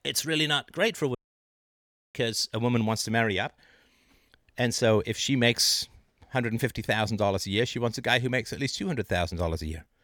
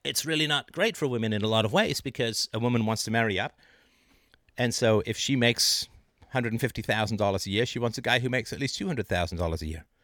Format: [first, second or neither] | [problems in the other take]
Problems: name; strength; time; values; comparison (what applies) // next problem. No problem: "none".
second | audio cutting out; at 1 s for 1 s